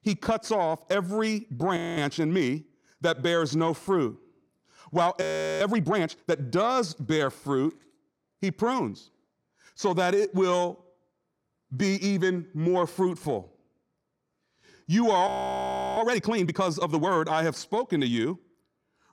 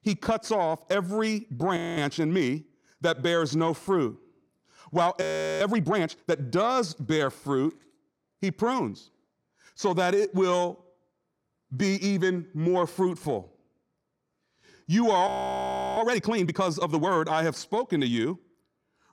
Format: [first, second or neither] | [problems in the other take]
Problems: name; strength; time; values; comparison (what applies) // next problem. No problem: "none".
neither | audio freezing; at 2 s, at 5 s and at 15 s for 0.5 s; the same in both